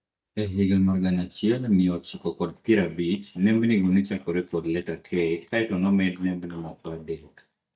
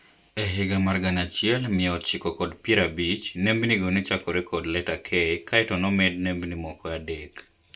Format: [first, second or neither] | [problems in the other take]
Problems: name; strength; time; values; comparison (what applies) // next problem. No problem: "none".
second | noise reduction (neural mask model DeepFilterNet 3)